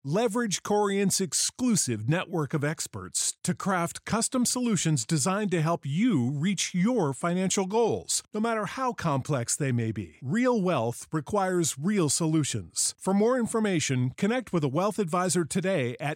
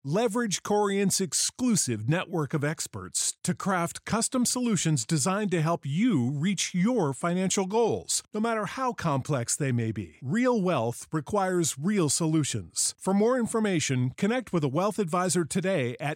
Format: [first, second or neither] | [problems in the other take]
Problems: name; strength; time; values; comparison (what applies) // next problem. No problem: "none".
neither | none